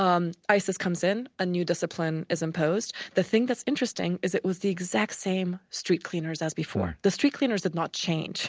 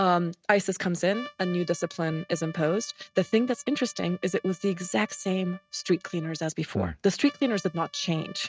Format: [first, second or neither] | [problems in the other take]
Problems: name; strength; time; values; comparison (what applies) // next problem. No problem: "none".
first | noise reduction (neural mask model RNNoise)